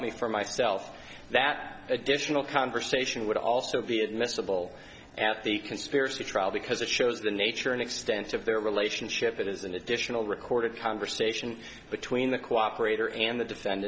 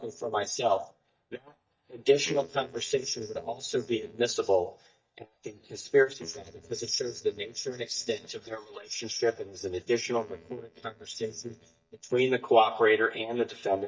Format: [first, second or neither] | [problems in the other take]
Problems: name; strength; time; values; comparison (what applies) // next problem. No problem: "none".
first | noise reduction (neural mask model DeepFilterNet 3)